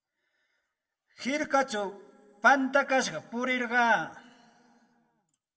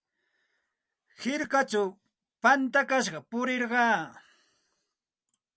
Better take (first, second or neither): second